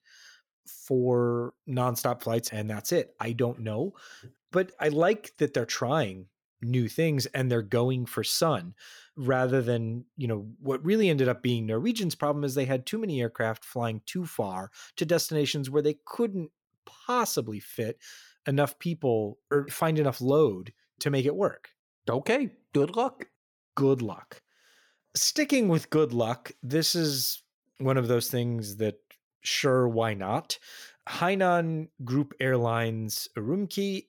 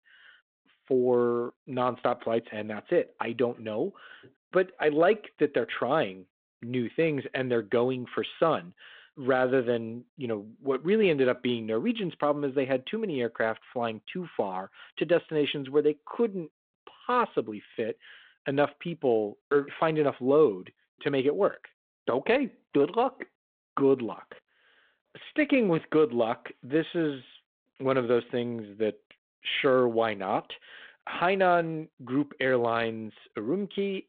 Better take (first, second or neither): first